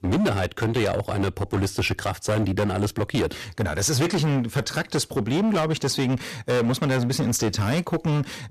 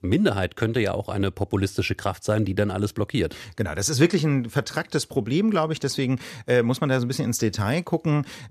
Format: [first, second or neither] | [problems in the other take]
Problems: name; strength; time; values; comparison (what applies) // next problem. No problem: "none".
second | distortion; heavy; 19% of the sound clipped